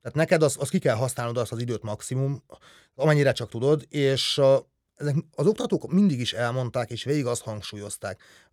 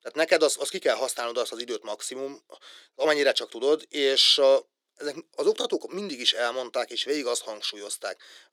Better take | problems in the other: first | thin; very; fading below 300 Hz

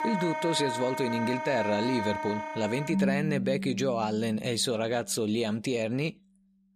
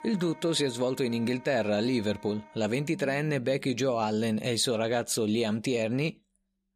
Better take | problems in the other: second | background music; loud; throughout; 4 dB below the speech; faint in the second

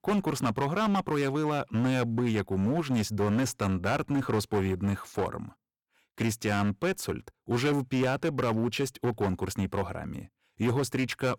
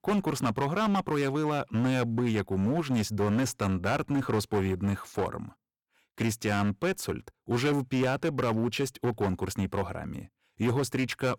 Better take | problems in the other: neither | distortion; slight; 14% of the sound clipped; the same in both

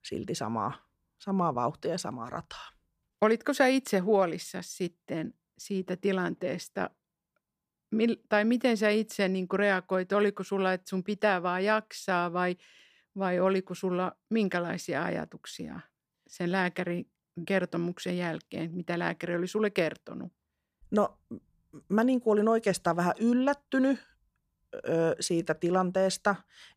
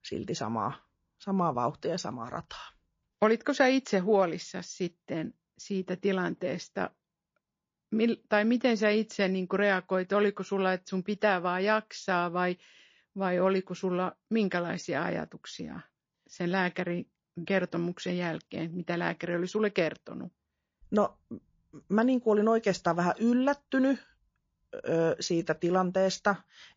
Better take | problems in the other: first | garbled, watery; slightly; nothing above 6 kHz

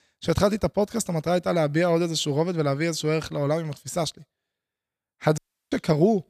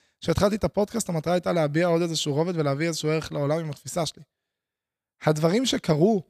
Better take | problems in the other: second | audio cutting out; at 5.5 s

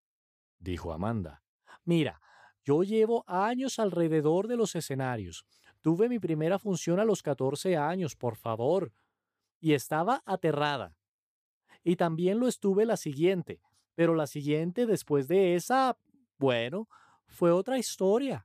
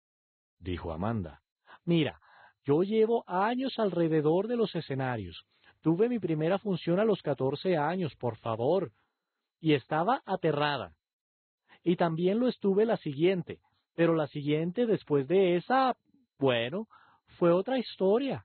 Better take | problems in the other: first | garbled, watery; badly; nothing above 4 kHz

